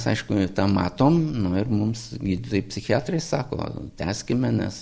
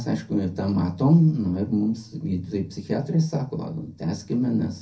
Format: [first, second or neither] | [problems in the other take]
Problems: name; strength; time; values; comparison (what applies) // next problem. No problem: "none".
first | room echo; dies away in 0.3 s